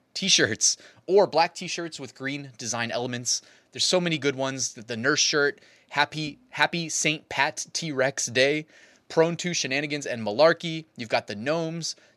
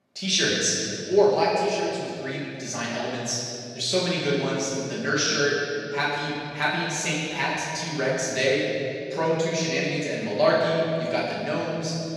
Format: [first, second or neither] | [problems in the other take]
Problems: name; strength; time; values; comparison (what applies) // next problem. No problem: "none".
first | room echo; strong; dies away in 2.6 s // off-mic speech; far